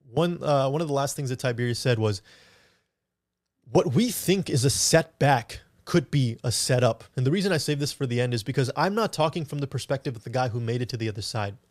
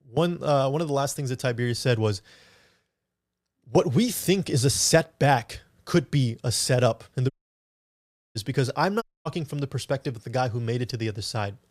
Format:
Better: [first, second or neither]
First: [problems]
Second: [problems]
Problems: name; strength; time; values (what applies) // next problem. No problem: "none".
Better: first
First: none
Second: audio cutting out; at 7.5 s for 1 s and at 9 s